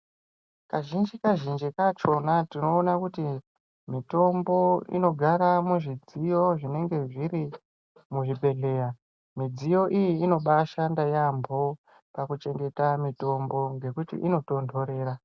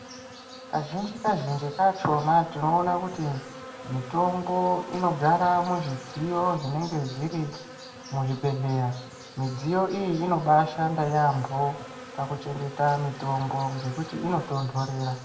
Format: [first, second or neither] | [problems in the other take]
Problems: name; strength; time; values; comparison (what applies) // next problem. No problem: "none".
first | background sound (Insect); 15 dB below the speech // room echo; dies away in 0.7 s